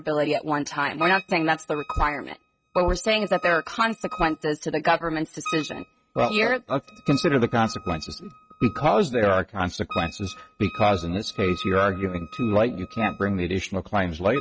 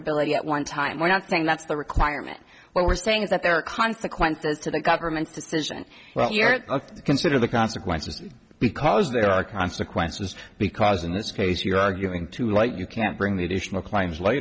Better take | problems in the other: second | noise reduction (neural mask model RNNoise)

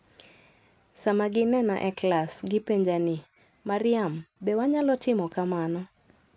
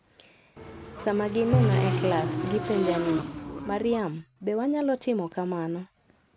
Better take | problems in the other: first | background sound (Bowed string instrument + Motorcycle / Engine); 1 dB below the speech

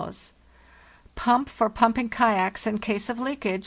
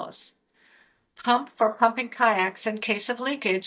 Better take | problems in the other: first | noise reduction (neural mask model DeepFilterNet 3)

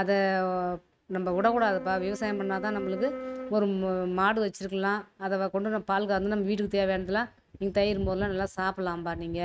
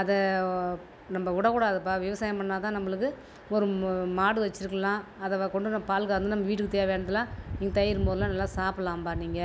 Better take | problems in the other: second | noise reduction (neural mask model RNNoise)

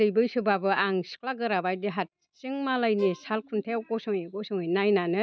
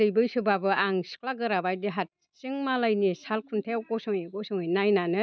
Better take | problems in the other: second | background sound (Bowed string instrument); 19 dB below the speech

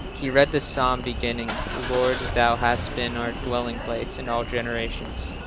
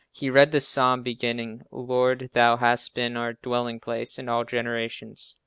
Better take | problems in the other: second | background sound (Engine starting / Car); 6 dB below the speech

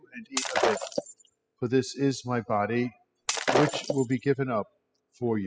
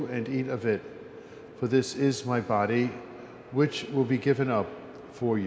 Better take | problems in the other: second | noise reduction (classical method spectral subtraction)

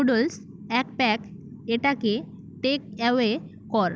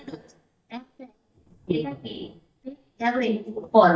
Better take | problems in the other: first | noise reduction (neural mask model DeepFilterNet 3)

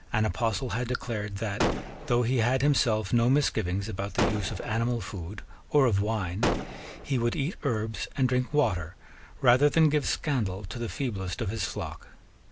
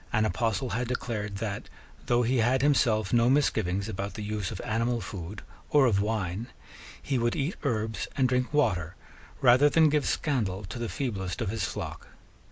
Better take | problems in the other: second | background sound (Gunshot, gunfire); 5 dB below the speech

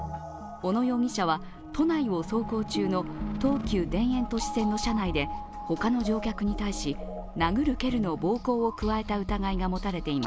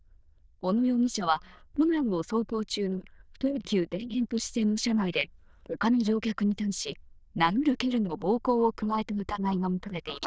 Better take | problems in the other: first | noise reduction (neural diffusion model UNIVERSE++)

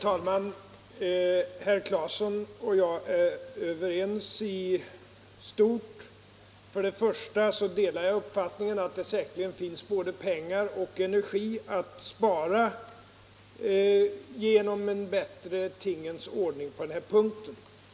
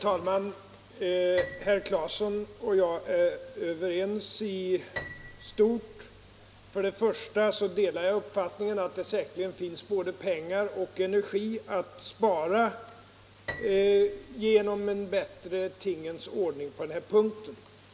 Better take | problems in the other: first | background sound (Piano); 18 dB below the speech

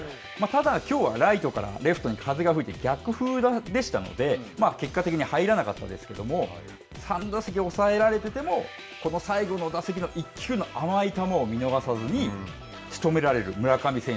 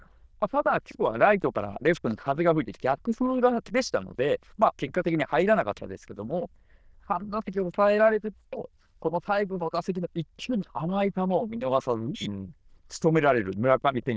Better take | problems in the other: first | noise reduction (neural diffusion model UNIVERSE++)

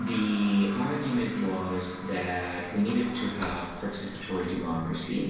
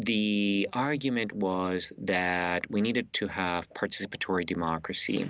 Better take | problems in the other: second | background sound (Toilet flush); 13 dB below the speech // room echo; dies away in 1 s

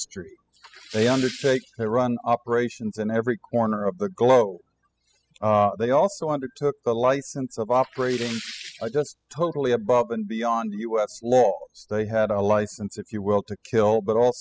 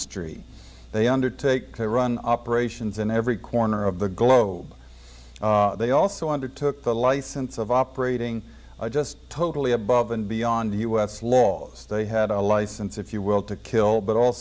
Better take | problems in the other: second | noise reduction (classical method spectral subtraction)

